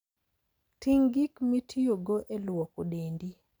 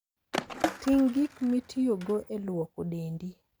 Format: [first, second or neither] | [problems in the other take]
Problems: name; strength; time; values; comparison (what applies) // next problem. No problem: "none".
first | background sound (Skateboard); 7 dB below the speech